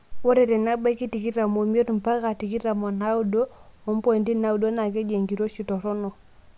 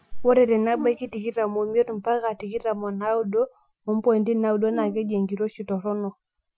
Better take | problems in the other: first | noise reduction (classical method Wiener filter)

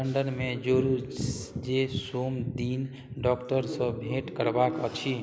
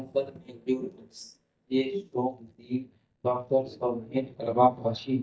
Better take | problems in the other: first | noise reduction (neural mask model DeepFilterNet 3)

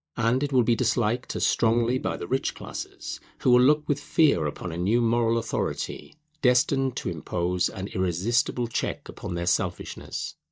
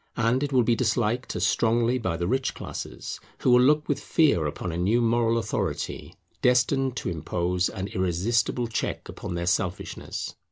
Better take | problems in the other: second | noise reduction (neural mask model DeepFilterNet 3)

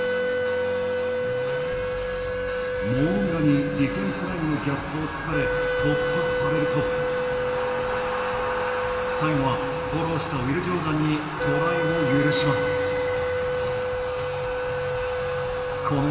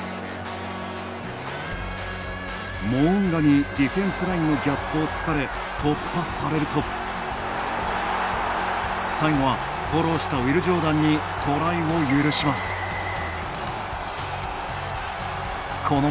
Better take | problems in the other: second | background sound (Wind instrument, woodwind instrument); as loud as the speech // room echo; dies away in 2.6 s

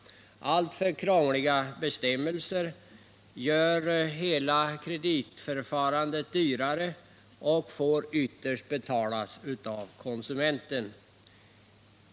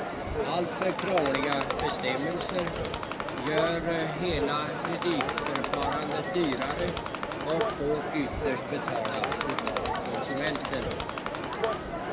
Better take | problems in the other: first | background sound (Crowd); 1 dB above the speech // room echo; dies away in 0.9 s

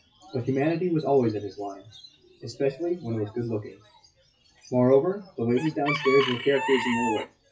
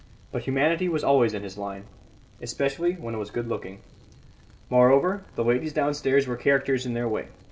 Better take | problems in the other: second | noise reduction (classical method WPE with log-MMSE)

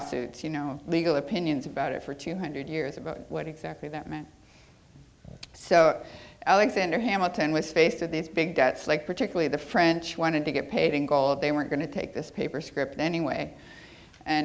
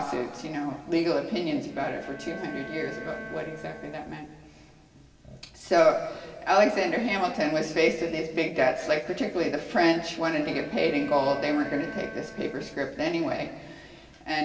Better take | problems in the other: first | background sound (Bowed string instrument); 16 dB below the speech // room echo; dies away in 2.2 s

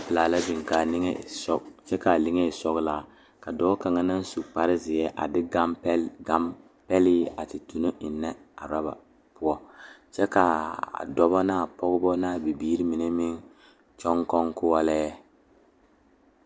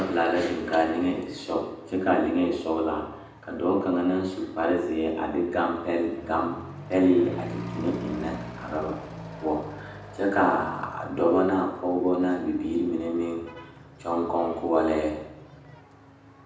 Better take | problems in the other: first | background sound (Accelerating, revving, vroom / Truck); 16 dB below the speech // room echo; dies away in 0.8 s

